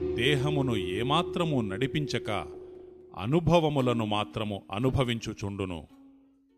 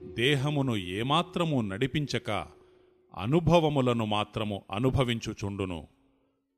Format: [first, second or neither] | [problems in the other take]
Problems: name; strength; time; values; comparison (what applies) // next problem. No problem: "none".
second | background music; loud; throughout; 8 dB below the speech; faint in the second